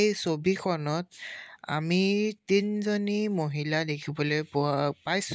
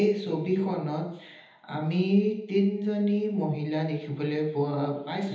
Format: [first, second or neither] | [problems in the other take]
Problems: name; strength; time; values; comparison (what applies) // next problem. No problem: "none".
first | room echo; dies away in 1.3 s